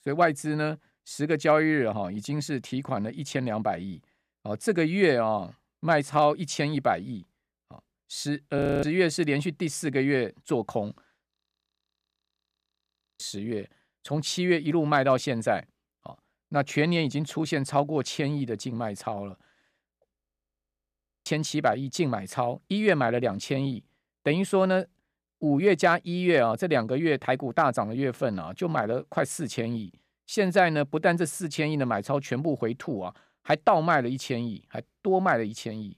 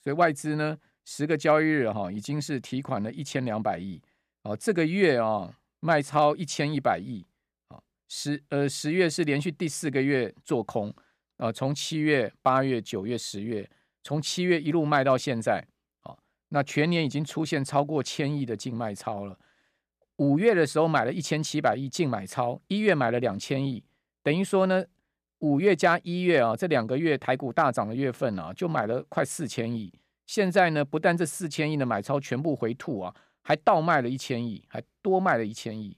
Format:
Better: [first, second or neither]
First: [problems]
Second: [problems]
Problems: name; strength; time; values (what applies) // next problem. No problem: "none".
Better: second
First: audio freezing; at 8.5 s, at 11 s for 2 s and at 20 s for 1 s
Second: none